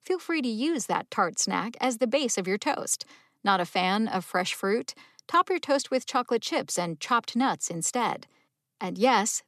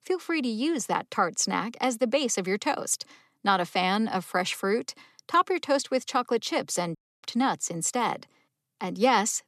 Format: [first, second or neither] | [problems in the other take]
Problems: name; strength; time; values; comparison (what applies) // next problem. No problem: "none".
first | audio cutting out; at 7 s